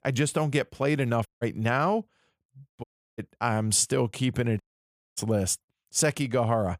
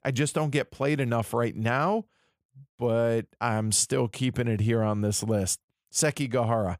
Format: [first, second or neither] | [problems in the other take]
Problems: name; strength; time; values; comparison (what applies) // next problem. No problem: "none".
second | audio cutting out; at 1.5 s, at 3 s and at 4.5 s for 0.5 s